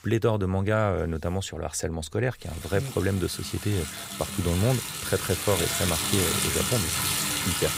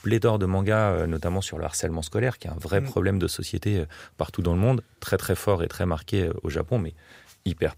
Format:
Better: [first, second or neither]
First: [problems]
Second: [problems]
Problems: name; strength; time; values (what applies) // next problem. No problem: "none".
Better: second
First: household noises; very loud; throughout; as loud as the speech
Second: none